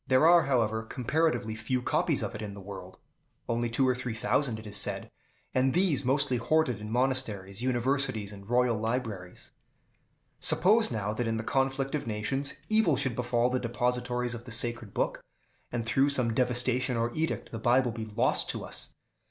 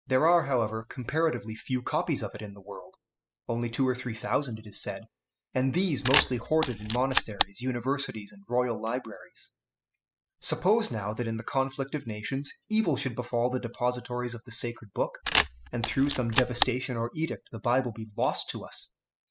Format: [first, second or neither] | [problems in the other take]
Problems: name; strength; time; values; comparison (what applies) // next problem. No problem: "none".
first | noise reduction (classical method spectral subtraction)